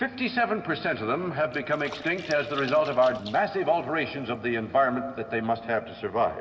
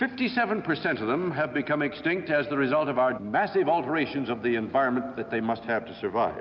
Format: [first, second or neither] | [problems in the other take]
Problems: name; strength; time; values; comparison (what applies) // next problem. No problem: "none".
second | background sound (Splash, splatter); 20 dB below the speech // room echo; dies away in 0.8 s